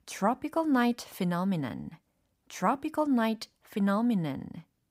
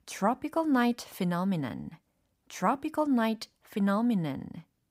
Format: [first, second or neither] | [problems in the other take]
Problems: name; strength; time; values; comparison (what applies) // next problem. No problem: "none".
neither | none